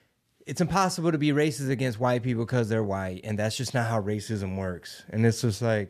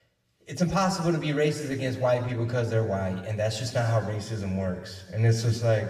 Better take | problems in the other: first | room echo; slight; dies away in 1.3 s // off-mic speech; somewhat distant

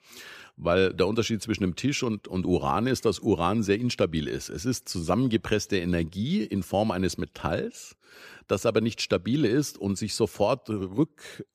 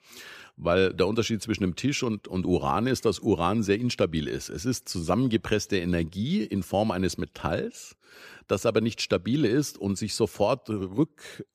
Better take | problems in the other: neither | none

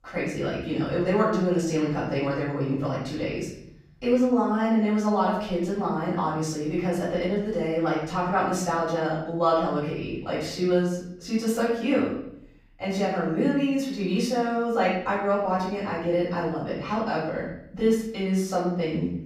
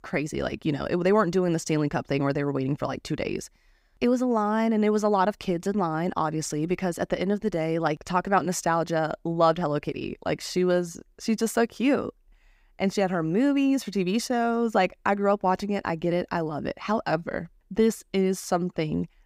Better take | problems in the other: second | off-mic speech; far // room echo; noticeable; dies away in 0.8 s

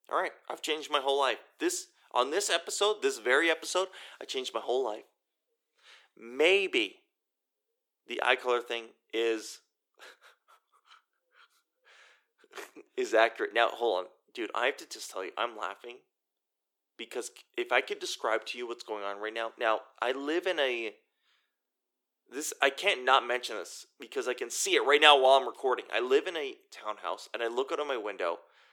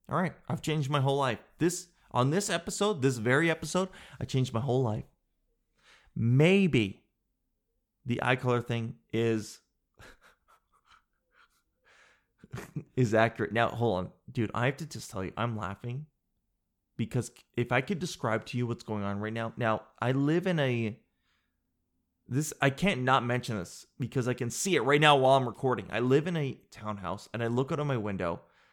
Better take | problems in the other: second | thin; very; fading below 350 Hz

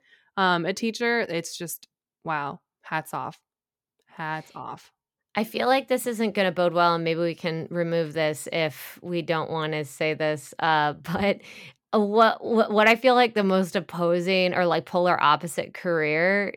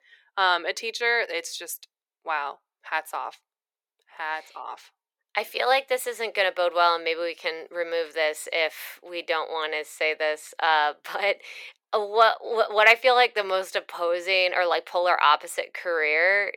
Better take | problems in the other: first | thin; very; fading below 450 Hz

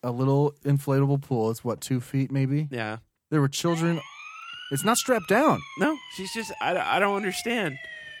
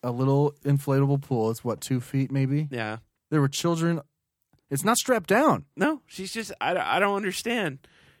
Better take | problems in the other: second | siren; faint; from 3.5 s on; peak 10 dB below the speech

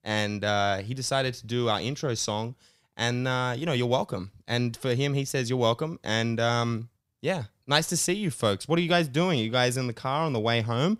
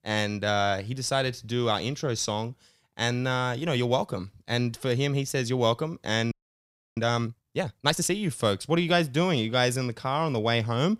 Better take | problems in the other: first | audio freezing; at 6.5 s for 0.5 s

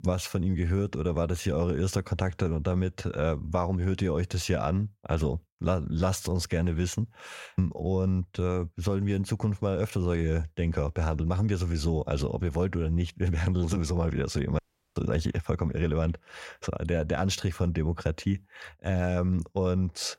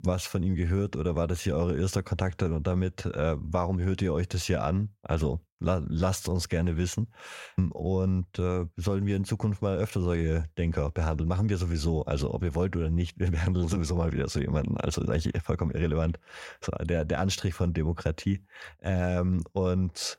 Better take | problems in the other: second | audio cutting out; at 15 s

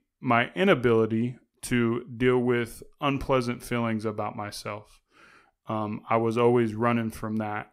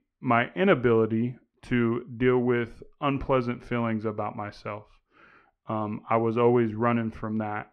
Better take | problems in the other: first | muffled; slightly; fading above 2.5 kHz

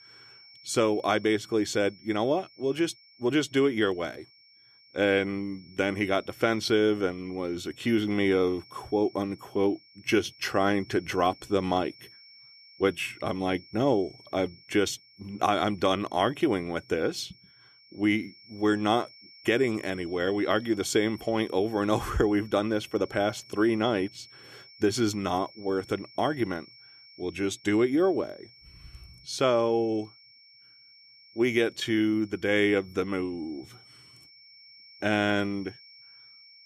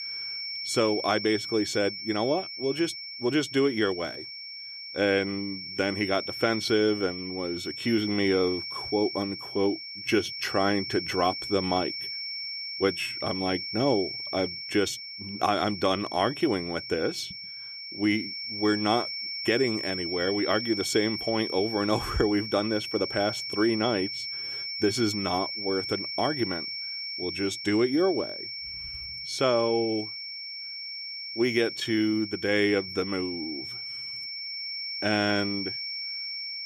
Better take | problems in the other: first | high-pitched whine; loud; throughout; 5.5 kHz, 6 dB below the speech; faint in the first

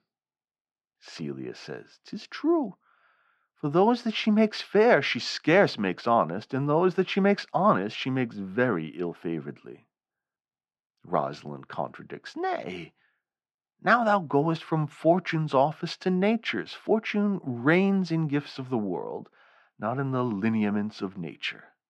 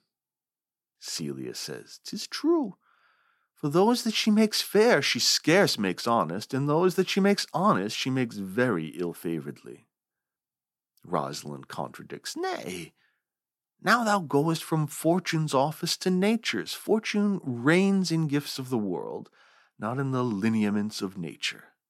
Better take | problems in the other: second | muffled; slightly; fading above 2.5 kHz

